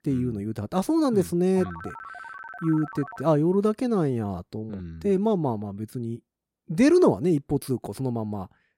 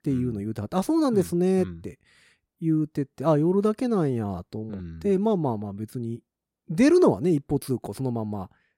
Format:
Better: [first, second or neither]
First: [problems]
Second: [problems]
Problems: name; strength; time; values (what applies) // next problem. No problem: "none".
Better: second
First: phone ringing; faint; from 1.5 to 3 s; peak 15 dB below the speech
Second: none